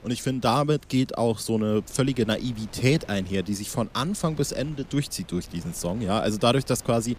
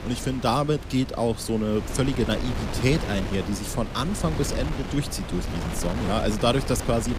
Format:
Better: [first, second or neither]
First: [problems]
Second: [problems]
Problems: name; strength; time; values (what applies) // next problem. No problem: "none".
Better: first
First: wind noise on the microphone; occasional gusts; 25 dB below the speech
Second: wind noise on the microphone; heavy; 8 dB below the speech